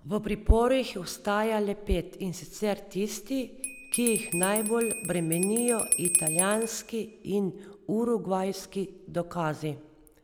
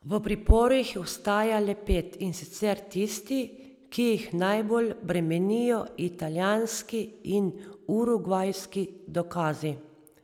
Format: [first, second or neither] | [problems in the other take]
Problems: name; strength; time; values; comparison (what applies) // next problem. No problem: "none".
second | background sound (Bell); 7 dB below the speech